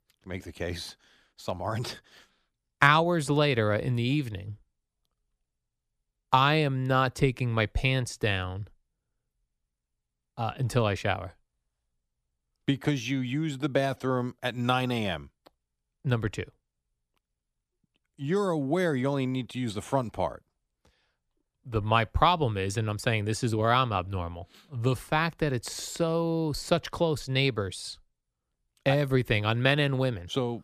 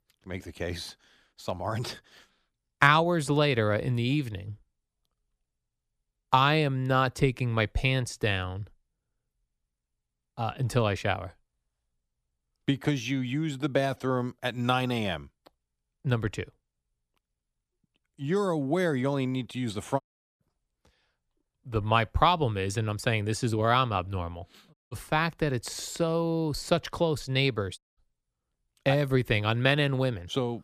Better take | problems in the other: first | audio cutting out; at 20 s, at 25 s and at 28 s

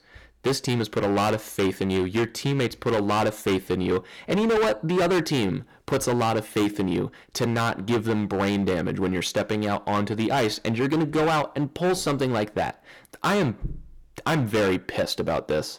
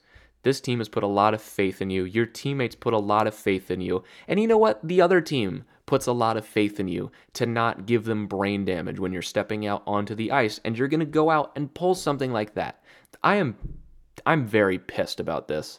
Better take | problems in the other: second | distortion; heavy; 16% of the sound clipped

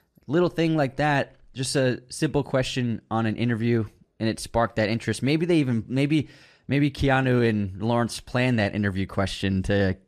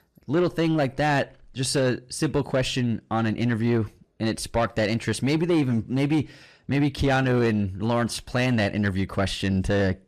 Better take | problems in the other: first | distortion; slight; 10 dB below the speech

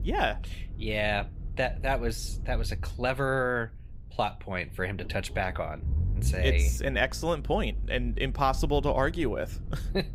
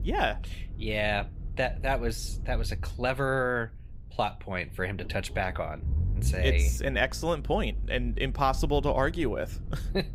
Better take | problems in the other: neither | low rumble; faint; throughout; 20 dB below the speech; the same in both

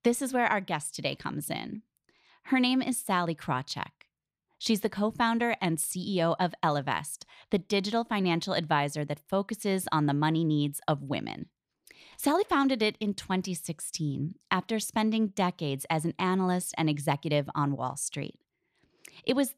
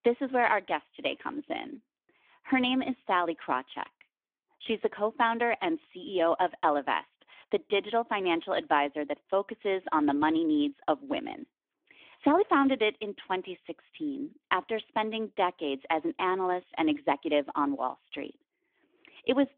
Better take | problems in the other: first | phone-call audio; nothing above 3.5 kHz

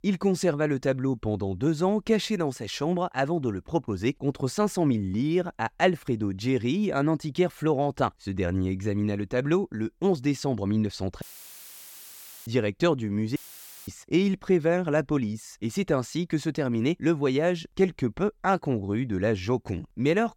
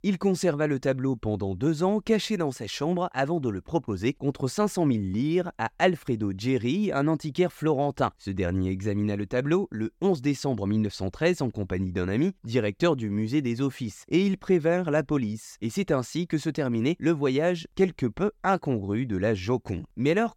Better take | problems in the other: second | audio cutting out; filled with static; at 11 s for 1.5 s and at 13 s for 0.5 s

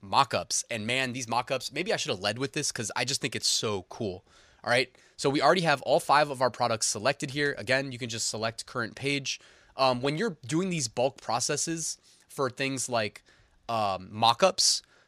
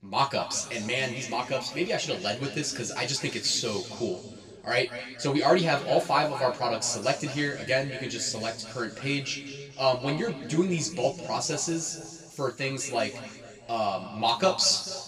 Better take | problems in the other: first | room echo; slight; dies away in 2.1 s // off-mic speech; far

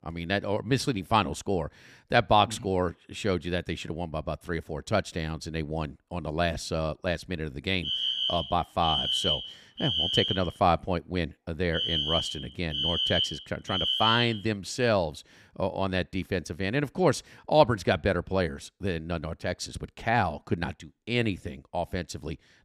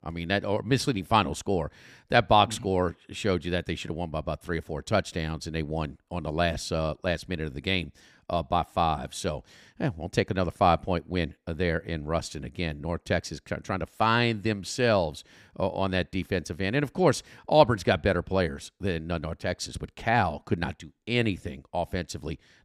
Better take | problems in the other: second | alarm; loud; from 8 to 14 s; peak 4 dB above the speech

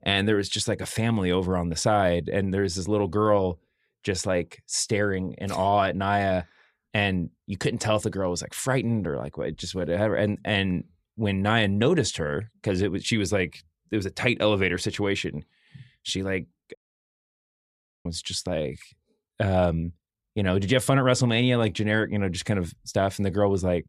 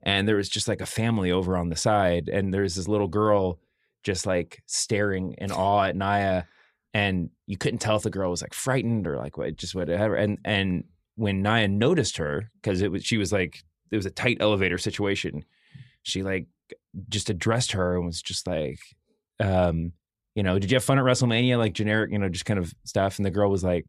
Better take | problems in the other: second | audio cutting out; at 17 s for 1.5 s

